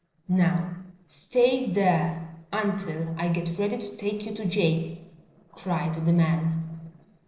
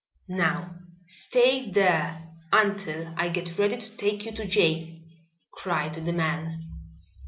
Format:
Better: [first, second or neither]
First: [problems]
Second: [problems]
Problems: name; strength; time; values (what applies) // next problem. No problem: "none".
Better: second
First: noise reduction (neural separator model SepFormer DNS4)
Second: none